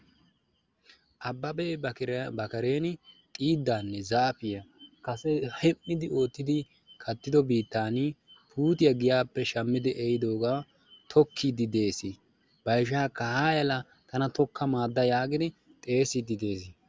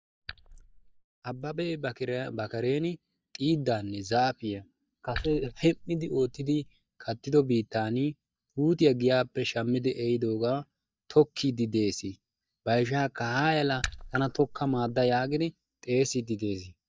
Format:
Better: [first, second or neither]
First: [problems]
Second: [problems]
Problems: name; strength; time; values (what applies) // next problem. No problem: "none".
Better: first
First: none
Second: noise reduction (neural mask model DeepFilterNet 3)